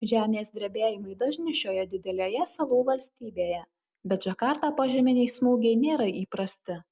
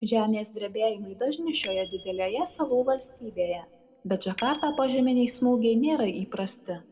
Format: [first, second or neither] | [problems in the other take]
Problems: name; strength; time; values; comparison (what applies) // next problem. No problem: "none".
first | background sound (Bicycle bell); 19 dB below the speech // room echo; dies away in 1.6 s